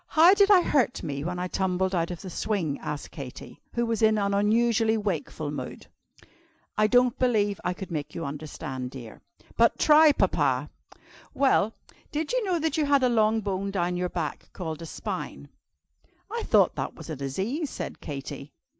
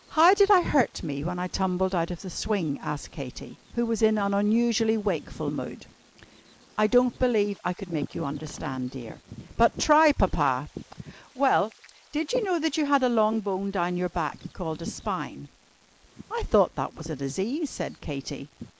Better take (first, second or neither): first